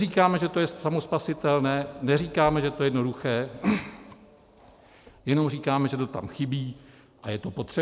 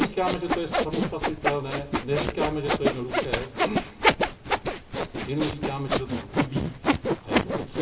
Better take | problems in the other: first | background sound (Sawing); 4 dB above the speech // room echo; dies away in 0.4 s

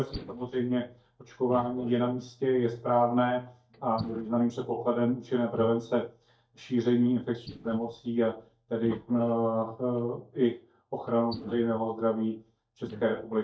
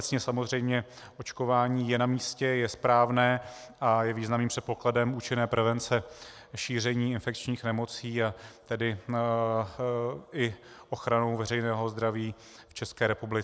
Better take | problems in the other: second | noise reduction (neural mask model DeepFilterNet 3)

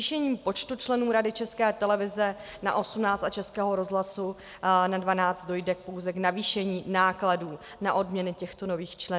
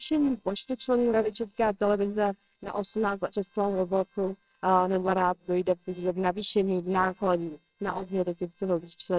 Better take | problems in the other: first | noise reduction (neural separator model SepFormer WHAMR!)

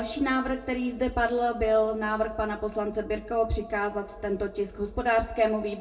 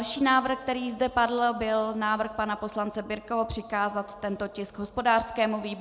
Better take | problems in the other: second | room echo; dies away in 0.2 s

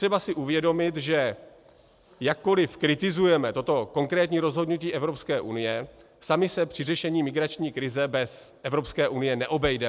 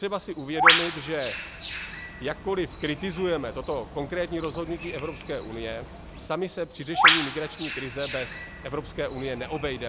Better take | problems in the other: first | background sound (Bird); 2 dB above the speech

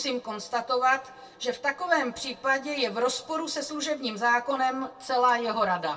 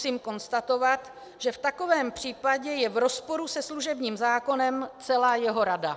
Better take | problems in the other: second | room echo; dies away in 0.1 s

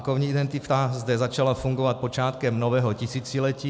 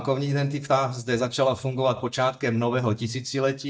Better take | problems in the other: first | noise reduction (neural mask model DeepFilterNet 3)

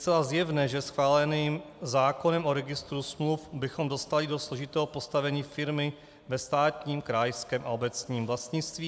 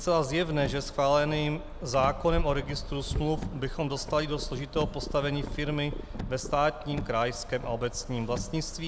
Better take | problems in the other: first | background sound (Purr + Car); 7 dB below the speech

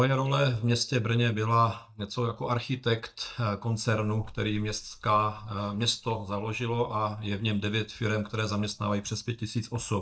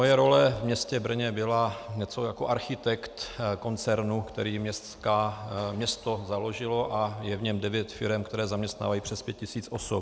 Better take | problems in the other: second | noise reduction (neural mask model DeepFilterNet 3)

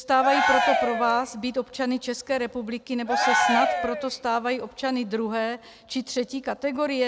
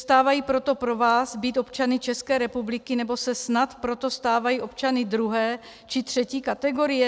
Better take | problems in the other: second | background sound (Cheering); as loud as the speech

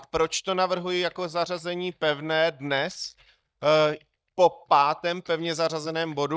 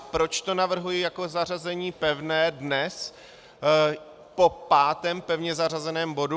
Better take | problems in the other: second | noise reduction (neural mask model DeepFilterNet 3)

